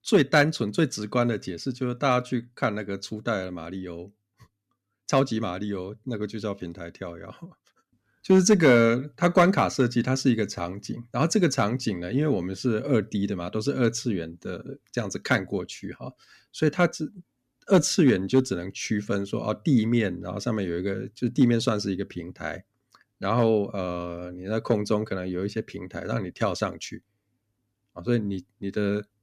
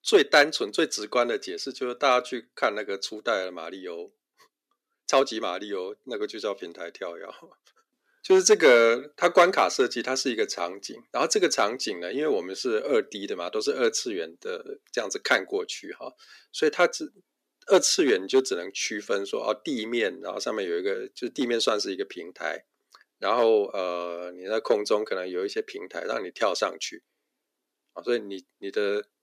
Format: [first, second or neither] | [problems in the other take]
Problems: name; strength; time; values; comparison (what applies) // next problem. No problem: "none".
first | thin; somewhat; fading below 350 Hz